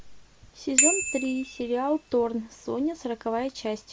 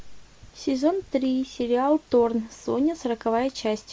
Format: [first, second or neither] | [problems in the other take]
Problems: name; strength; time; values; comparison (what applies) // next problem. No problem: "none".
second | background sound (Bicycle bell); as loud as the speech